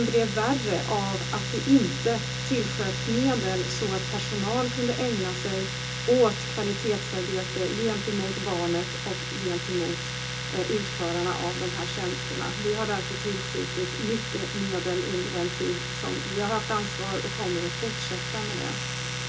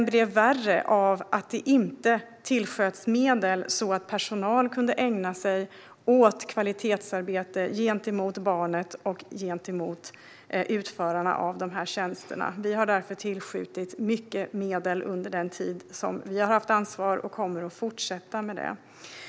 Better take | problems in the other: second | background sound (Domestic sounds, home sounds); 3 dB below the speech // room echo; dies away in 0.2 s

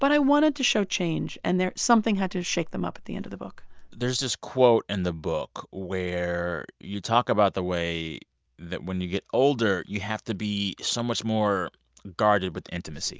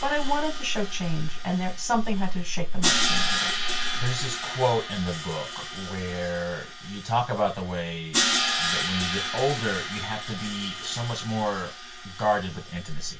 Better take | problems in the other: first | background sound (Crash cymbal); 4 dB below the speech // room echo; dies away in 0.2 s

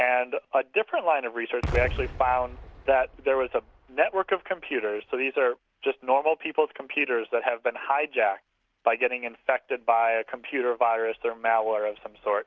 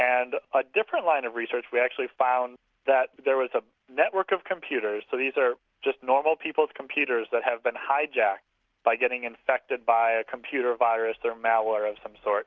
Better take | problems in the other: second | background sound (Explosion); 10 dB below the speech

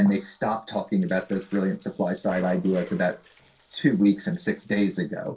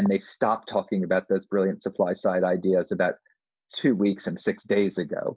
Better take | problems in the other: second | noise reduction (neural separator model SepFormer DNS4)

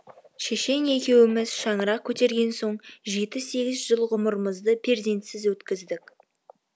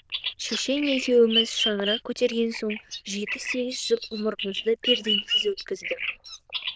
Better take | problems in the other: first | noise reduction (neural diffusion model UNIVERSE++)

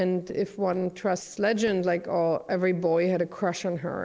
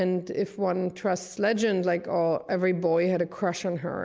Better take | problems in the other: second | noise reduction (neural separator model SepFormer DNS4)

